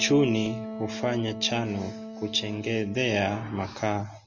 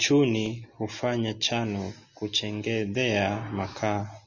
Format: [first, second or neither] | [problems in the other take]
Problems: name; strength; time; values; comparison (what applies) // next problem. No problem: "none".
second | background sound (Wind instrument, woodwind instrument); 11 dB below the speech